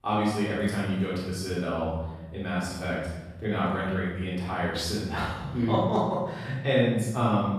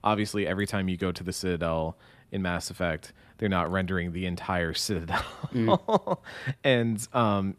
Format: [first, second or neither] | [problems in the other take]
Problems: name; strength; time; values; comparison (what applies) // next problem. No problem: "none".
second | off-mic speech; far // room echo; strong; dies away in 1.2 s